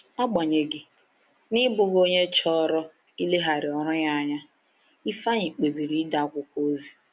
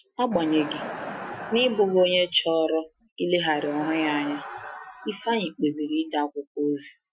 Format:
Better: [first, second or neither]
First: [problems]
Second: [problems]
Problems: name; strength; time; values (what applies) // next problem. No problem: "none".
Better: first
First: none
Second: noise reduction (classical method Wiener filter)